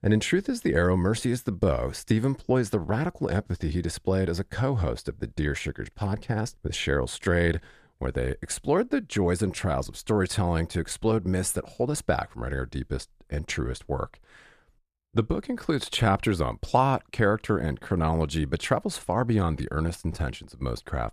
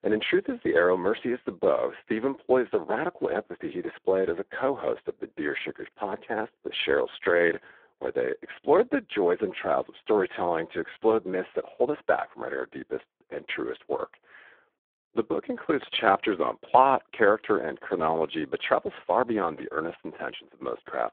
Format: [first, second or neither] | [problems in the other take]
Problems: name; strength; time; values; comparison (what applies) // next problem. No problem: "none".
first | phone-call audio; poor line